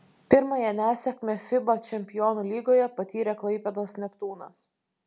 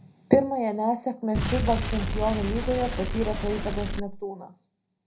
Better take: first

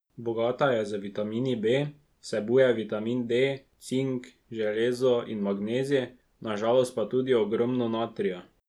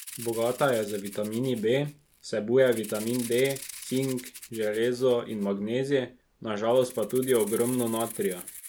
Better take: first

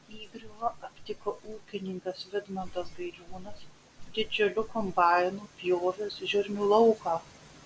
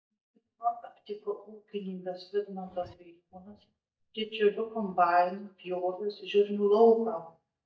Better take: first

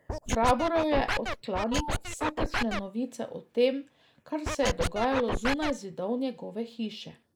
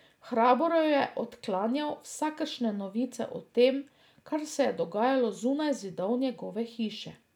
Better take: second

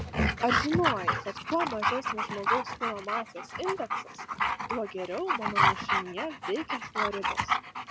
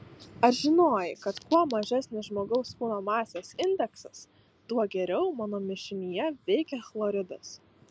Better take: second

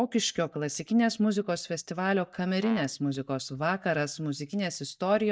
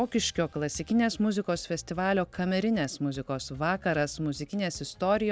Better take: second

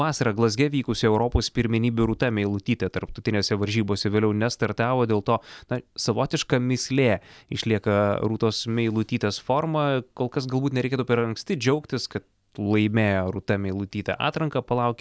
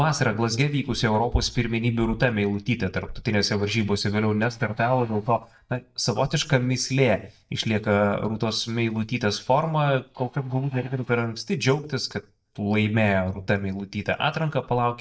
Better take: first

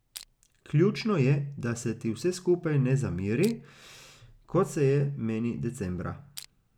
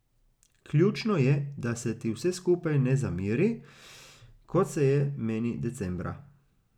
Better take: second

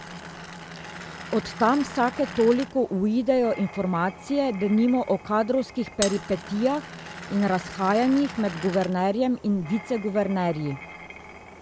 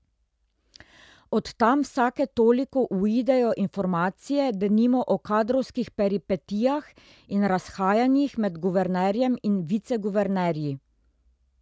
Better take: second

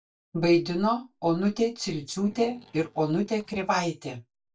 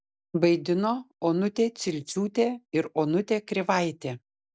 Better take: second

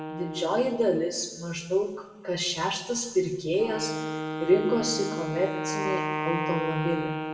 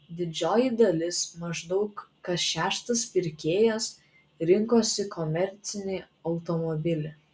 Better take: second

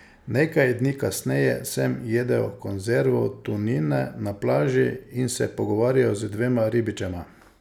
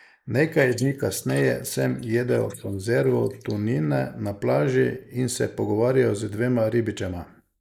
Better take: first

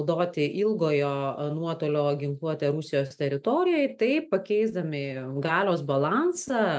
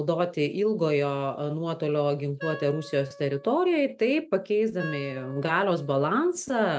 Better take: first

